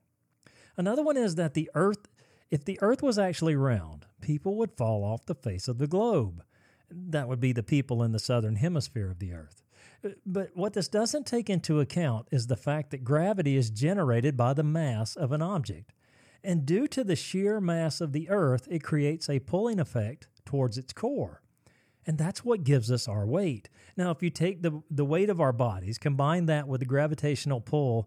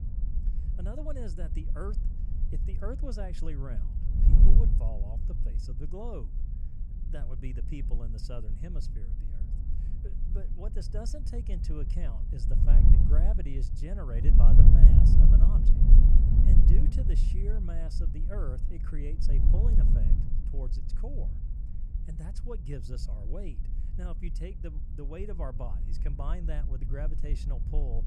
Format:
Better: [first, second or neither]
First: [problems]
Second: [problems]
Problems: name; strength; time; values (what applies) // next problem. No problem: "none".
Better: first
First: none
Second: wind noise on the microphone; heavy; as loud as the speech